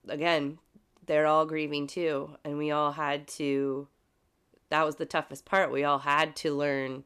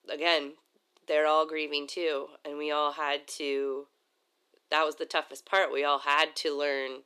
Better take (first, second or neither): first